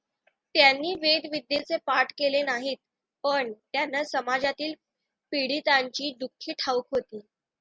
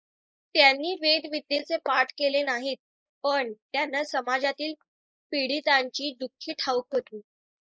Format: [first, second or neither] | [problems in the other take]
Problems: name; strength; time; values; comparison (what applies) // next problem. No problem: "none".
first | noise reduction (neural mask model Resemble Enhance denoiser)